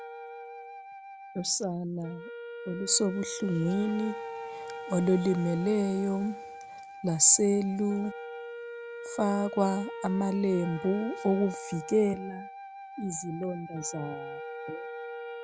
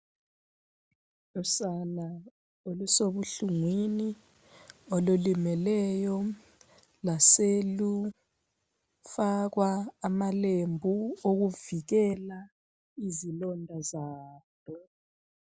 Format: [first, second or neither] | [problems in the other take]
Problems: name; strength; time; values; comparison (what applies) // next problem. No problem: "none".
second | background sound (Wind instrument, woodwind instrument + Wind instrument, woodwind instrument); 11 dB below the speech